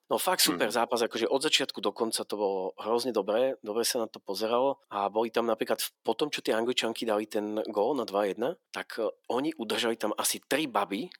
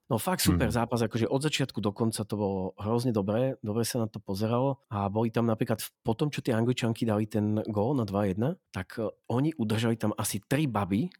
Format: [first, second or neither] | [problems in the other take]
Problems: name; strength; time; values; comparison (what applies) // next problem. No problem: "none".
second | thin; somewhat; fading below 350 Hz